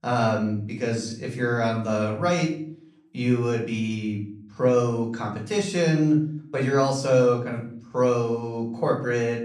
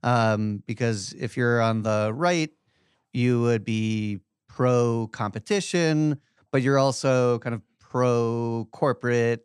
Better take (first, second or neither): second